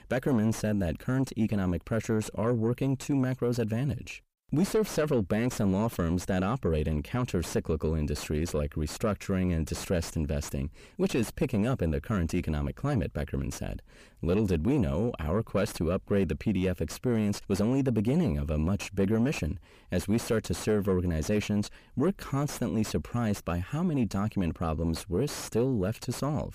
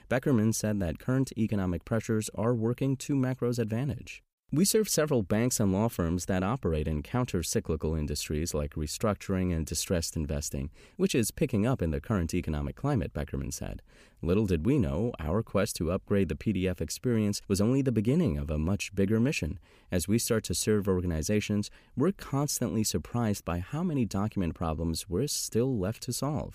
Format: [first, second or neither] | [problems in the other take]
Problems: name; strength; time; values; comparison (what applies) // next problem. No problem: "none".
second | distortion; slight; 9 dB below the speech